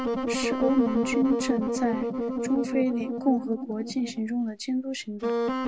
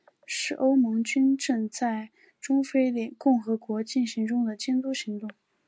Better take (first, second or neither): second